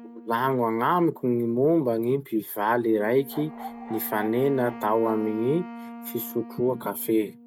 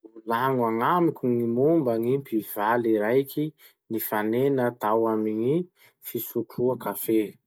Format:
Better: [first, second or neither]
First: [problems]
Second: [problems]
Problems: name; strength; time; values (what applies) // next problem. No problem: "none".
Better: second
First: background sound (Wind instrument, woodwind instrument + Bark); 16 dB below the speech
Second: none